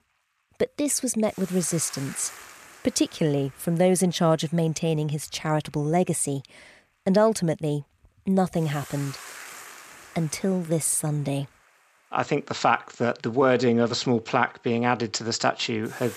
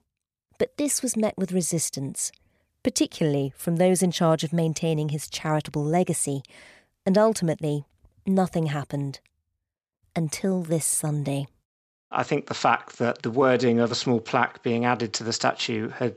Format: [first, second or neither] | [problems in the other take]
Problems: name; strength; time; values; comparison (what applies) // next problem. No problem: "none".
second | hiss; noticeable; throughout; 20 dB below the speech